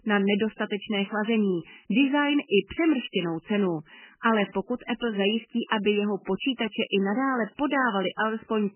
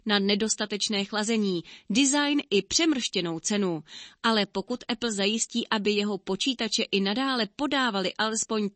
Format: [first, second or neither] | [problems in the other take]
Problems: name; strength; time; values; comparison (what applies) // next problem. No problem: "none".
second | garbled, watery; badly; nothing above 3 kHz; slightly in the second